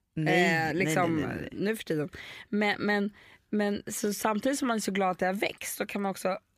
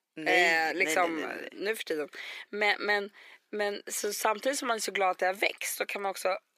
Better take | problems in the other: first | thin; somewhat; fading below 400 Hz

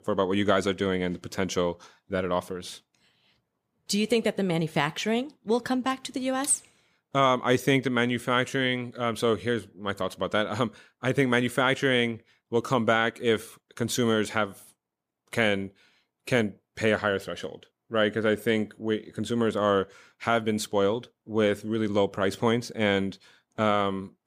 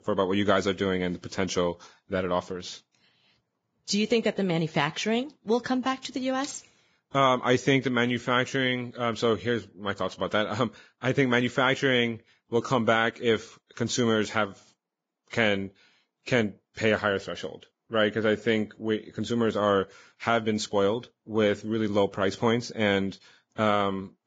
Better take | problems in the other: first | garbled, watery; badly; nothing above 7.5 kHz

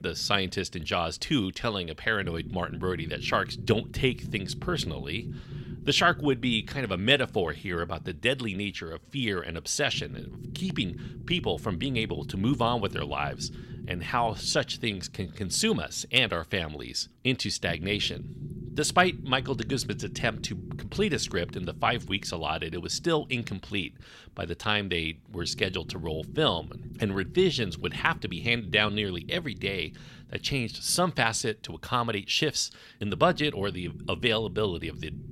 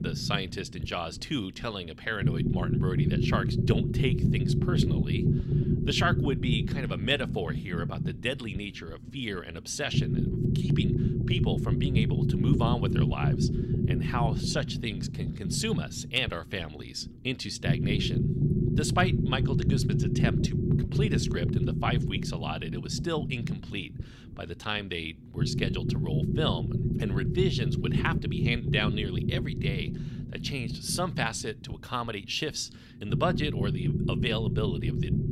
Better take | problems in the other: first | low rumble; loud; throughout; 5 dB below the speech; faint in the first

